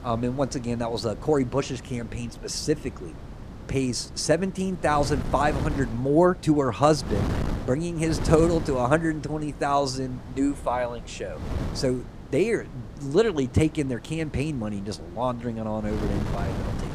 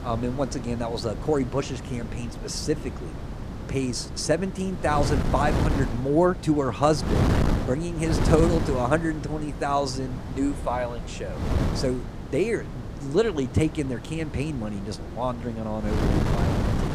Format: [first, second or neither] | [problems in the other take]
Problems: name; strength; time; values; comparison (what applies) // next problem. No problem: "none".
first | wind noise on the microphone; heavy; 7 dB below the speech; occasional gusts in the first